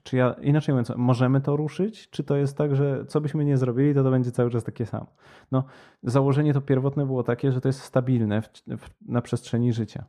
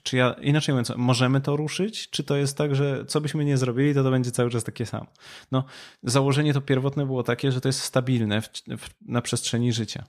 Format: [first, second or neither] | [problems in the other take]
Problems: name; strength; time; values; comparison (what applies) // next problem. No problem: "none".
second | muffled; slightly; fading above 2 kHz